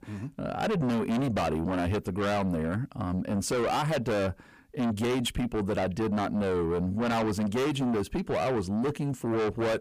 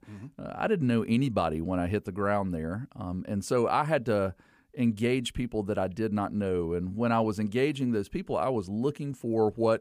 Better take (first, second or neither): second